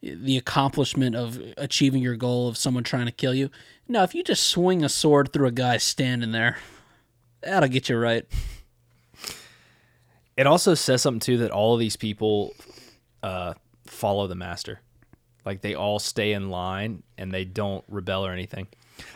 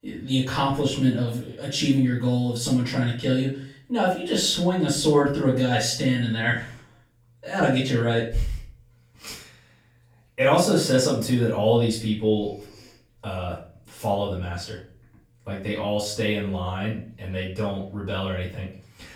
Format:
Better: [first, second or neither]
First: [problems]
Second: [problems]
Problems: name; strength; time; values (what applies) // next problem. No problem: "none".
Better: first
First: none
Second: off-mic speech; far // room echo; noticeable; dies away in 0.4 s